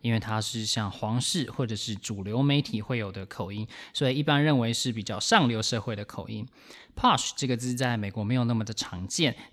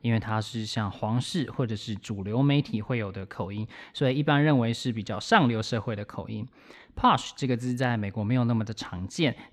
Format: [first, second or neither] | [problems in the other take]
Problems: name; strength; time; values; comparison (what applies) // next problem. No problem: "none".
first | muffled; slightly; fading above 3.5 kHz